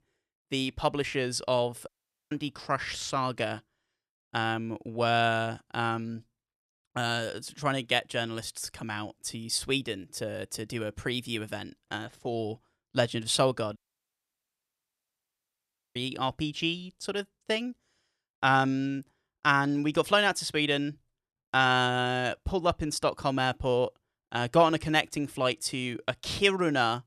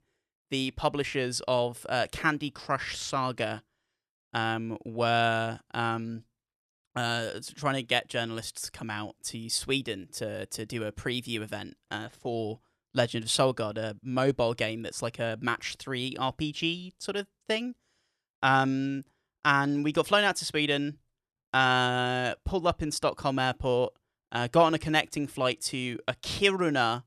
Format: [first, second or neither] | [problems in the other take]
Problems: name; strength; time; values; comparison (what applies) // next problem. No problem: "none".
second | audio cutting out; at 2 s and at 14 s for 2 s